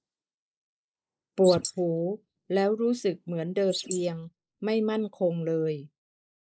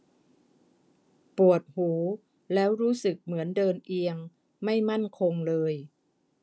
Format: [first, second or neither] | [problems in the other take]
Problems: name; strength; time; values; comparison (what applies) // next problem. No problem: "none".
second | noise reduction (neural mask model Resemble Enhance denoiser)